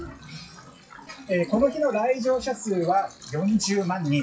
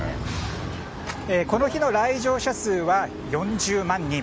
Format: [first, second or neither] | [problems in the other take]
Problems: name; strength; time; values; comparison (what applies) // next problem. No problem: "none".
second | noise reduction (classical method WPE with log-MMSE)